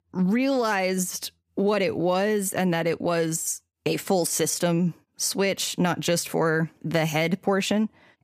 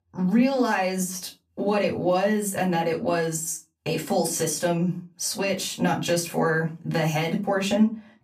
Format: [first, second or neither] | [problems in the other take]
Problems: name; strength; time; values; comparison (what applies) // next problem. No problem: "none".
first | off-mic speech; somewhat distant // room echo; very slight; dies away in 0.2 s